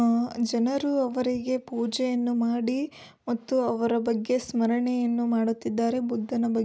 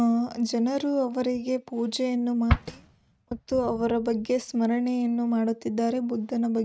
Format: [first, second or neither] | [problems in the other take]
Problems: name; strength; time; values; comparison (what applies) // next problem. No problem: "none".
first | noise reduction (neural mask model RNNoise)